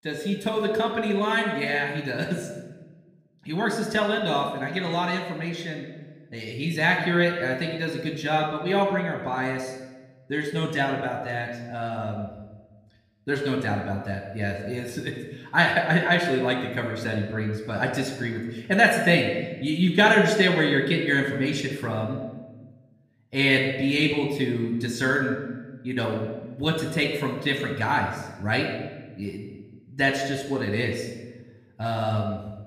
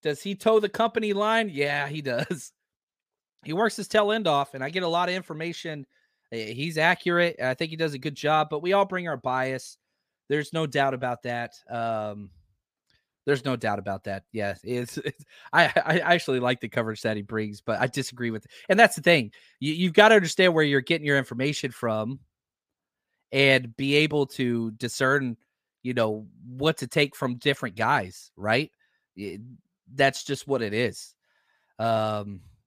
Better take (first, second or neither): second